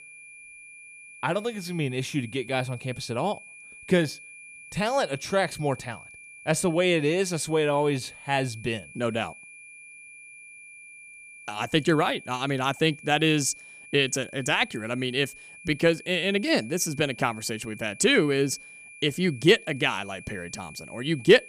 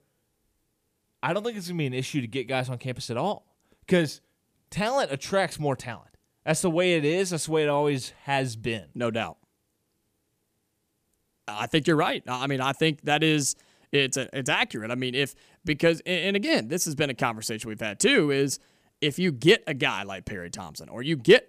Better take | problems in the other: second | high-pitched whine; noticeable; throughout; 2.5 kHz, 20 dB below the speech

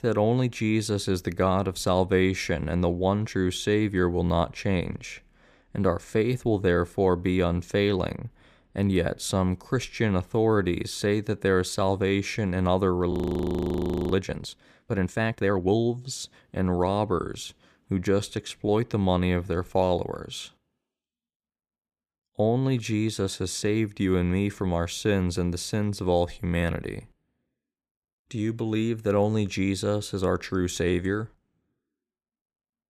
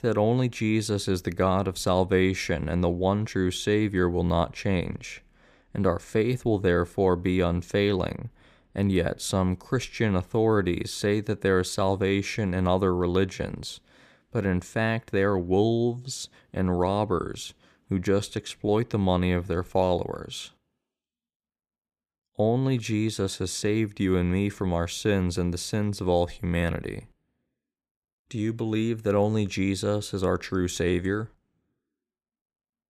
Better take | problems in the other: second | audio freezing; at 13 s for 1 s

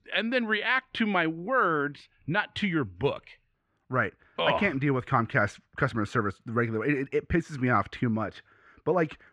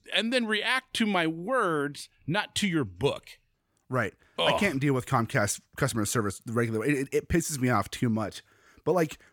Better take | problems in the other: second | muffled; very; fading above 2.5 kHz

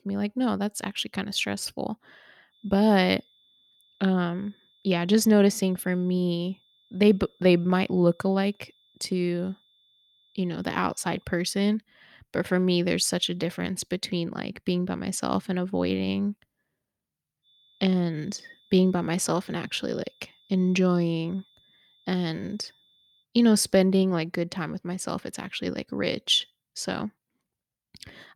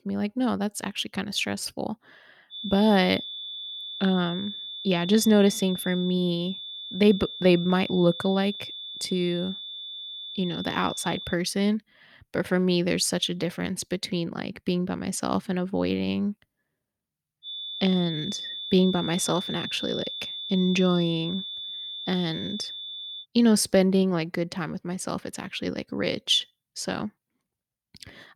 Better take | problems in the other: first | high-pitched whine; loud; from 2.5 to 11 s and from 17 to 23 s; 3.5 kHz, 8 dB below the speech; faint in the first

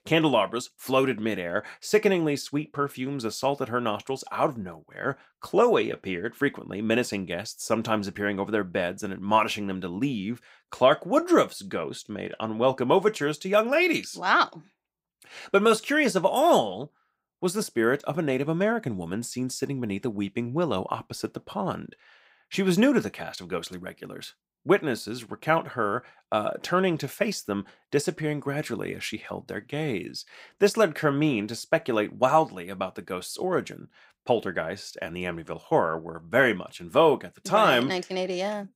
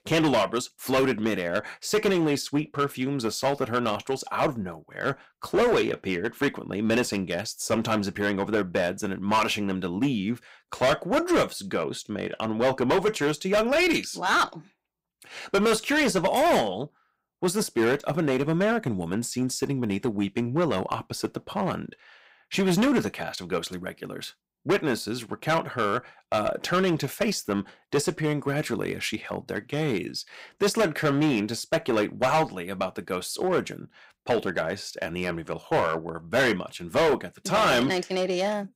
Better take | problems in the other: first | distortion; heavy; 8% of the sound clipped

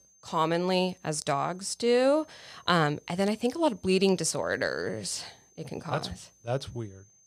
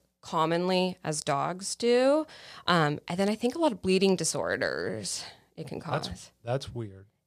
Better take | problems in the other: second | high-pitched whine; faint; throughout; 6.5 kHz, 30 dB below the speech

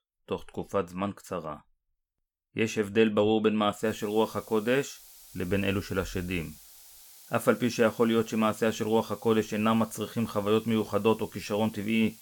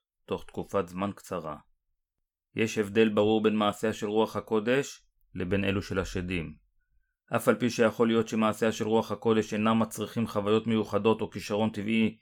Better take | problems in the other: second | hiss; faint; from 4 s on; 20 dB below the speech

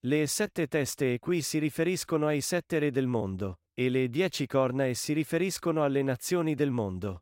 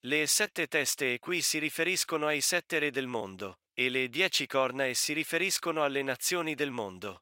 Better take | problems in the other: first | thin; somewhat; fading below 1 kHz

